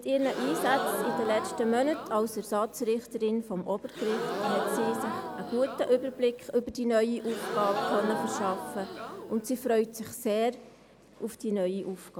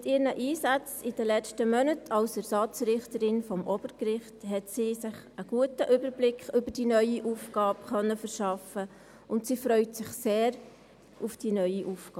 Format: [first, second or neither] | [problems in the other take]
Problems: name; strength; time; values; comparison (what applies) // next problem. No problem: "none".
second | background sound (Crowd / Gasp); 4 dB below the speech